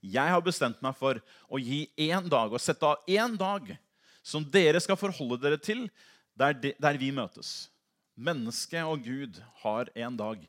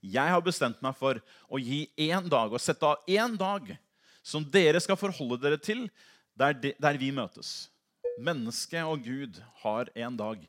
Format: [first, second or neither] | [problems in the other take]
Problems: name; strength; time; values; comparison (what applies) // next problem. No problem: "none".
first | clattering dishes; noticeable; at 8 s; peak 8 dB below the speech